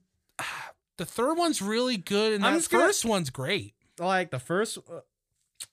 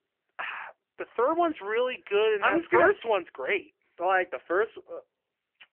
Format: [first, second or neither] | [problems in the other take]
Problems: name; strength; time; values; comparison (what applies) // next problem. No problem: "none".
first | phone-call audio; nothing above 3 kHz